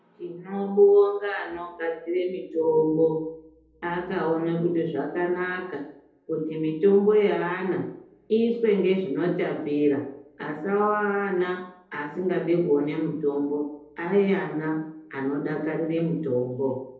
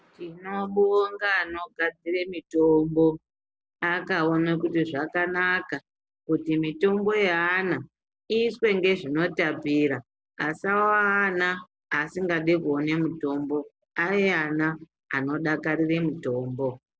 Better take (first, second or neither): second